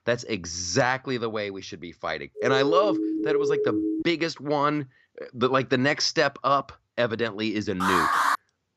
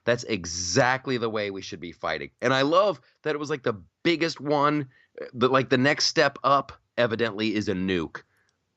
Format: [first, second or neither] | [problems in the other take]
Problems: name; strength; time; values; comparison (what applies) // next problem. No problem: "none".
second | siren; loud; from 2.5 to 4 s; peak 1 dB above the speech // alarm; loud; at 8 s; peak 5 dB above the speech